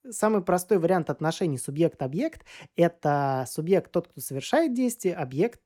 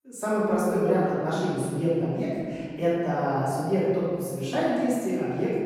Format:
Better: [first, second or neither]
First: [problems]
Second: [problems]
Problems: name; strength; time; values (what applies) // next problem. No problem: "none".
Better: first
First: none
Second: room echo; strong; dies away in 1.8 s // off-mic speech; far